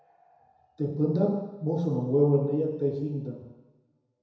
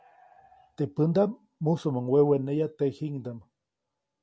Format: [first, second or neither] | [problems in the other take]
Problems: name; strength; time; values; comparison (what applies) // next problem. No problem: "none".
second | room echo; dies away in 1 s